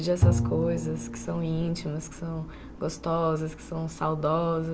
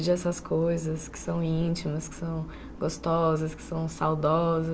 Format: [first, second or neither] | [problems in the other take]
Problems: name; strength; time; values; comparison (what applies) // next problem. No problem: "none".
second | background sound (Bowed string instrument); 1 dB below the speech